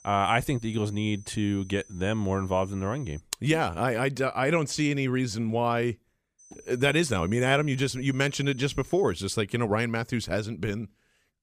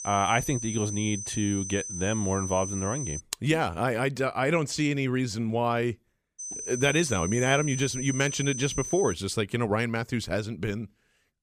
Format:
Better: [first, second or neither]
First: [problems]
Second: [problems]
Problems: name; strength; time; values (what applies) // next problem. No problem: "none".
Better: first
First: high-pitched whine; faint; until 3 s and from 6.5 to 9 s; 6 kHz, 25 dB below the speech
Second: high-pitched whine; loud; until 3 s and from 6.5 to 9 s; 6 kHz, 7 dB below the speech